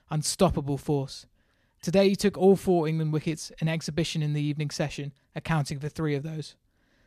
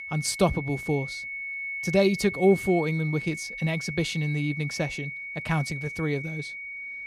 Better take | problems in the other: first | high-pitched whine; loud; throughout; 2 kHz, 7 dB below the speech

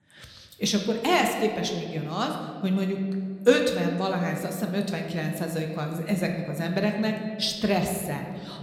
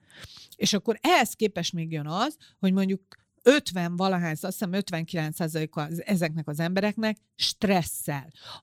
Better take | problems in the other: second | room echo; slight; dies away in 1.6 s

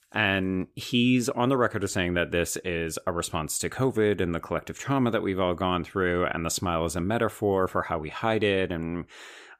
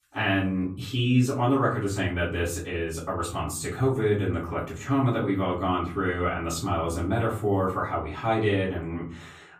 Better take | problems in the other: first | room echo; slight; dies away in 0.6 s // off-mic speech; far

